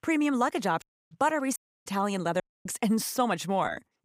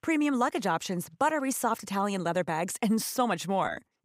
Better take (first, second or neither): second